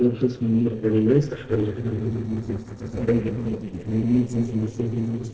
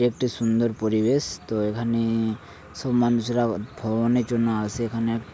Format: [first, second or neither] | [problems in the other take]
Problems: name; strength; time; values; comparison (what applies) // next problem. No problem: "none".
second | noise reduction (neural separator model SepFormer DNS4)